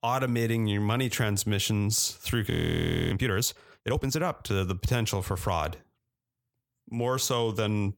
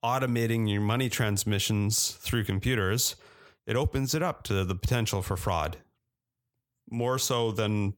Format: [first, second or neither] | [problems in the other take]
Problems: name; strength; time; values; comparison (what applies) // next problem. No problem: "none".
second | audio freezing; at 2.5 s for 0.5 s